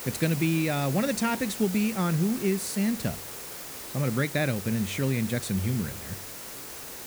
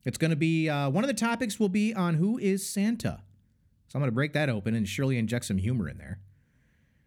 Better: second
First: hiss; loud; throughout; 9 dB below the speech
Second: none

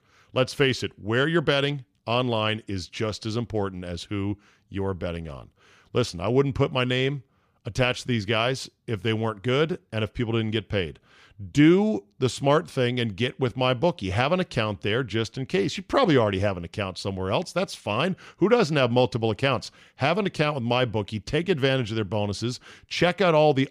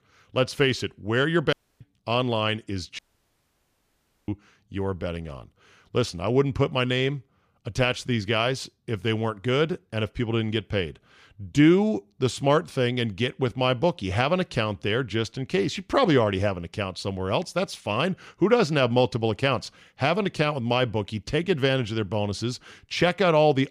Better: first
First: none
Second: audio cutting out; at 1.5 s and at 3 s for 1.5 s

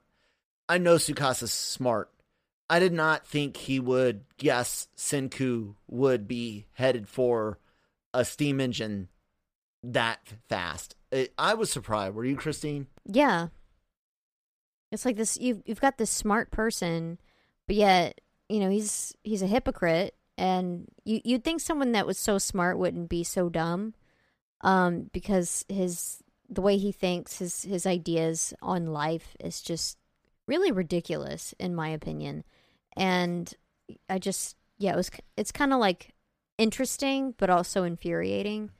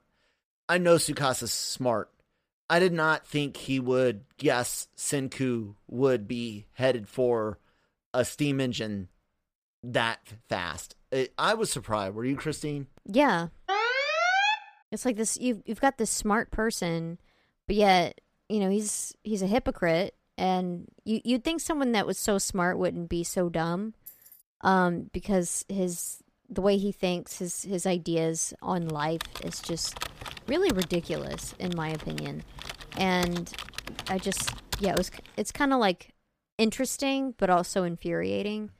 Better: first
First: none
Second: alarm; loud; at 14 s; peak 5 dB above the speech // jangling keys; faint; at 24 s; peak 20 dB below the speech // keyboard typing; noticeable; from 29 to 35 s; peak 5 dB below the speech

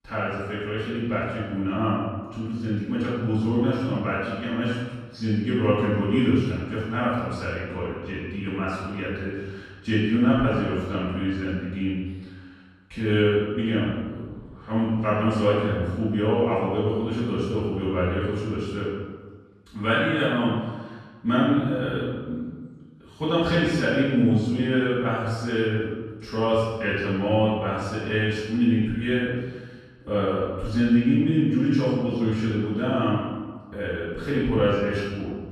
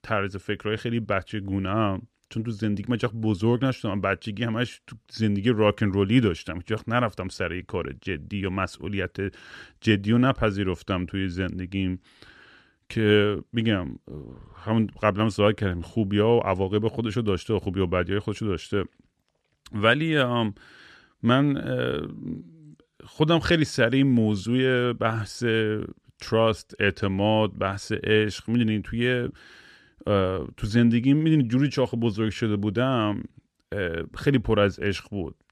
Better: second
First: off-mic speech; far // room echo; strong; dies away in 1.2 s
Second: none

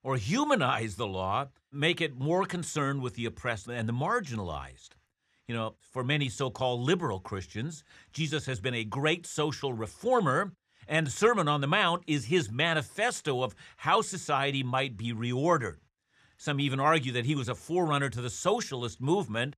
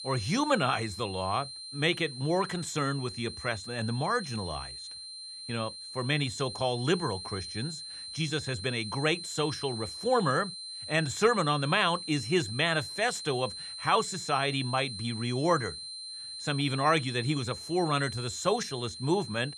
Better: first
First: none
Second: high-pitched whine; loud; throughout; 4 kHz, 9 dB below the speech

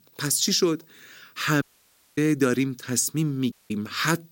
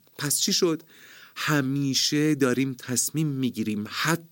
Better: second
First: audio cutting out; at 1.5 s for 0.5 s and at 3.5 s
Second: none

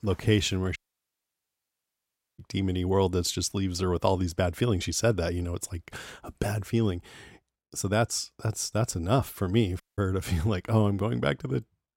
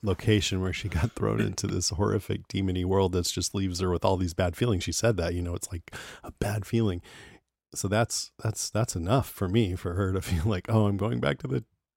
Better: second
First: audio cutting out; at 1 s for 1.5 s and at 10 s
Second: none

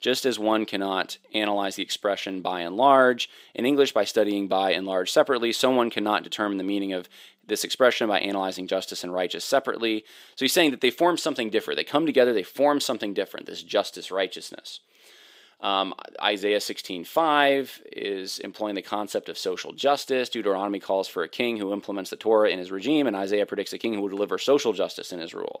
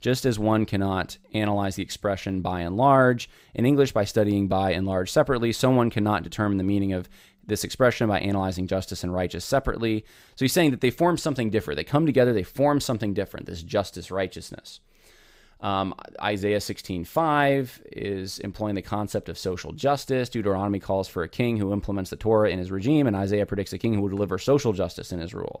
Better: second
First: thin; very slightly; fading below 300 Hz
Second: none

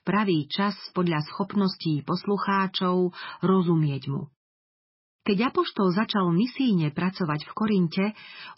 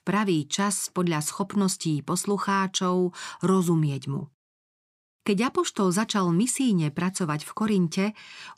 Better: second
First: garbled, watery; badly; nothing above 5.5 kHz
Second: none

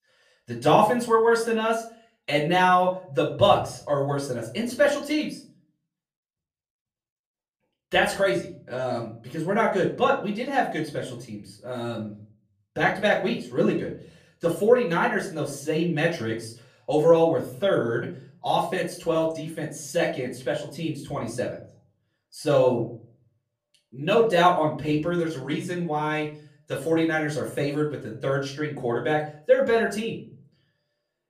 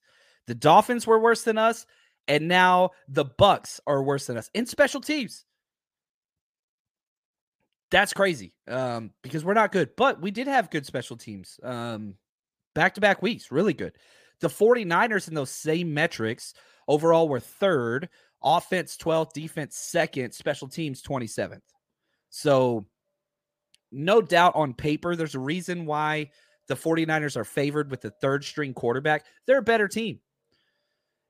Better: second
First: off-mic speech; far // room echo; slight; dies away in 0.4 s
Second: none

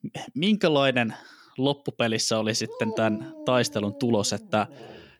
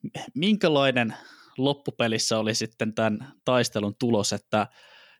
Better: second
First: dog barking; noticeable; from 2.5 s on; peak 8 dB below the speech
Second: none

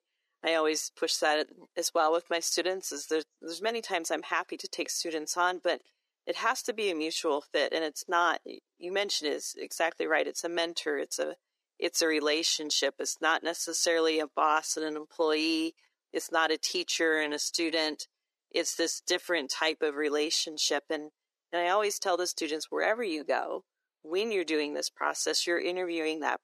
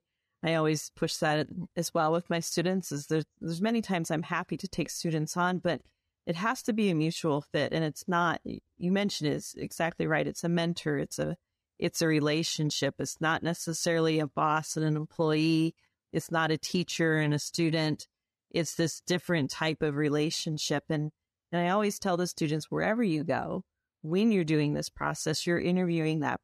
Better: second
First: thin; very; fading below 350 Hz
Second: none

